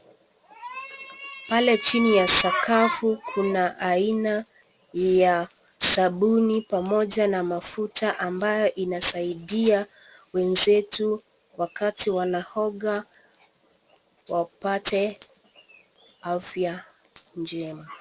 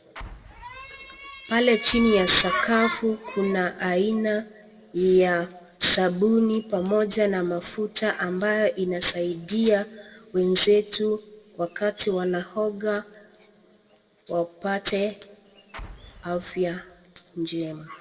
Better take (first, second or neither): first